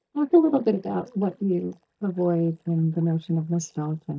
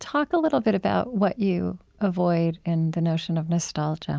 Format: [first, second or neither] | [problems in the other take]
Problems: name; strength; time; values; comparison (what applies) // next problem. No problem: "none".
second | noise reduction (neural mask model DeepFilterNet 3)